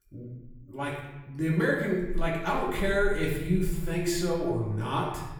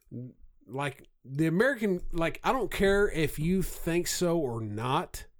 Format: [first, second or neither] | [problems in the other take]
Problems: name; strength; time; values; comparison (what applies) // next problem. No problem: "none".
second | off-mic speech; far // room echo; noticeable; dies away in 1.1 s